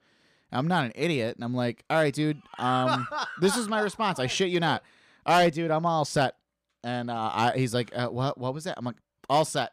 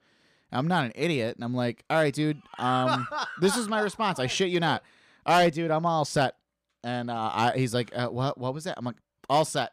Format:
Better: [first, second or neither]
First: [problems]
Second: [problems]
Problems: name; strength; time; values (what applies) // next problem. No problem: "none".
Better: neither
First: none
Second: none